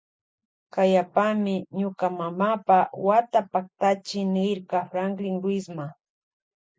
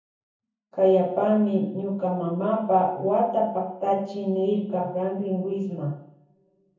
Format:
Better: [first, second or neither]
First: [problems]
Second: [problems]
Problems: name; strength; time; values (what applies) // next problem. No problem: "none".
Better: first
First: none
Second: room echo; dies away in 0.7 s